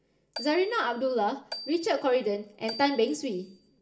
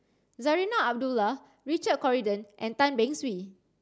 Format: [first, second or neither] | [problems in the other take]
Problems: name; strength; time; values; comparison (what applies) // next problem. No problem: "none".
second | background sound (Marimba, xylophone); 16 dB below the speech // room echo; dies away in 0.4 s